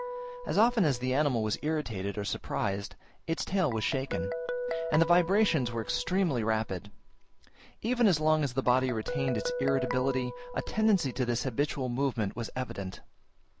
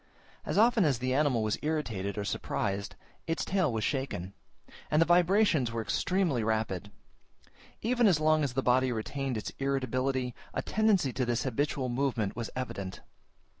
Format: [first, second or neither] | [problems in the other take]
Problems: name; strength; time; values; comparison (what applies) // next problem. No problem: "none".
second | background sound (Guitar); 10 dB below the speech